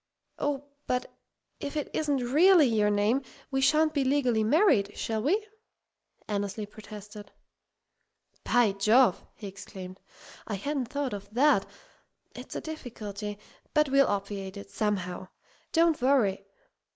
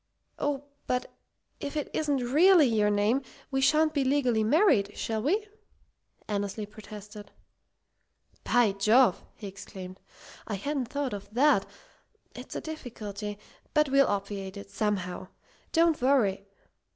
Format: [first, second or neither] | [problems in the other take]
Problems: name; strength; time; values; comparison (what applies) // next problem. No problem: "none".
second | noise reduction (neural mask model Resemble Enhance denoiser)